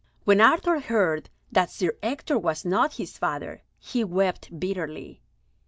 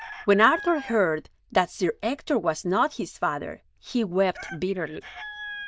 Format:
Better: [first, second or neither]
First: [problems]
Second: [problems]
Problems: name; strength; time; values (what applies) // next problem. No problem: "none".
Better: first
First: none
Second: noise reduction (neural diffusion model UNIVERSE++)